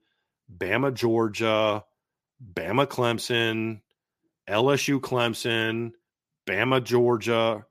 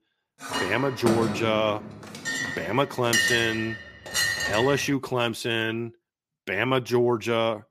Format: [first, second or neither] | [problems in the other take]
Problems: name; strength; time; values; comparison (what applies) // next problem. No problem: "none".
first | clattering dishes; loud; until 5 s; peak 4 dB above the speech